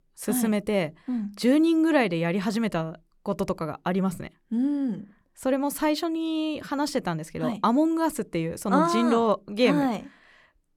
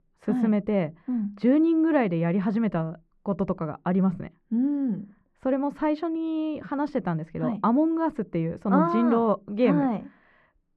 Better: first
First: none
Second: muffled; very; fading above 1.5 kHz

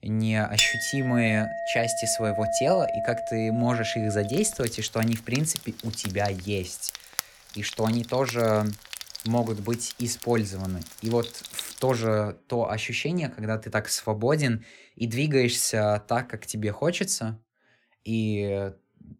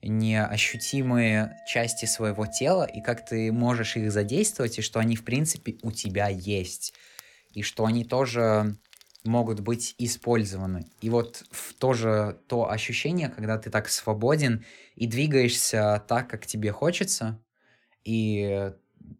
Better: second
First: household noises; loud; until 12 s; 6 dB below the speech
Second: household noises; faint; until 12 s; 20 dB below the speech

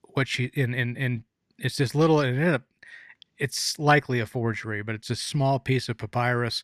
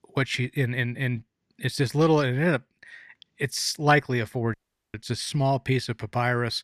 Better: first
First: none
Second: audio cutting out; at 4.5 s

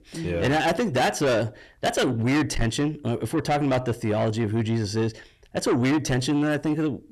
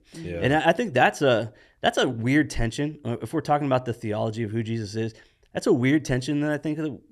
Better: second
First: distortion; heavy; 6 dB below the speech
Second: none

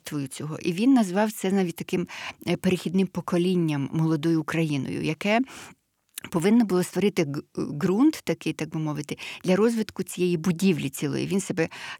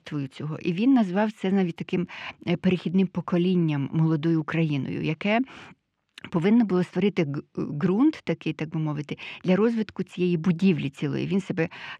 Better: first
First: none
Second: muffled; slightly; fading above 3 kHz

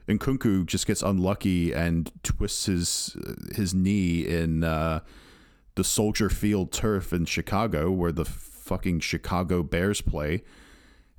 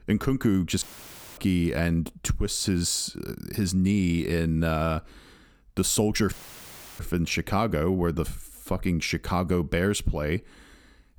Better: first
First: none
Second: audio cutting out; filled with static; at 1 s for 0.5 s and at 6.5 s for 0.5 s

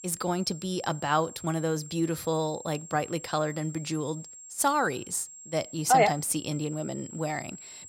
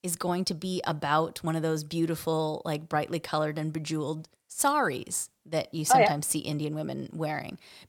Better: second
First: high-pitched whine; noticeable; throughout; 7.5 kHz, 15 dB below the speech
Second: none

